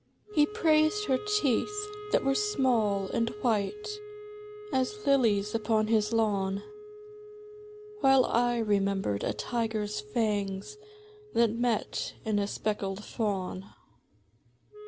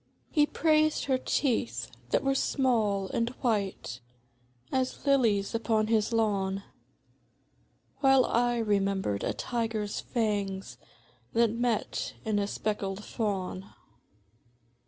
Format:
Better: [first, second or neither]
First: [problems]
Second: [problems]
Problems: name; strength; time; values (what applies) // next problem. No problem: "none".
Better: second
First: background sound (Wind instrument, woodwind instrument); 15 dB below the speech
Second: none